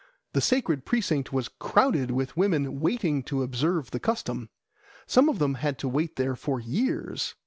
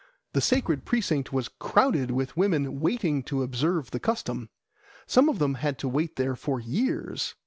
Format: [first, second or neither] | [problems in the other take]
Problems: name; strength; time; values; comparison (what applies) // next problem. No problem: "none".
first | background sound (Thump, thud); 16 dB below the speech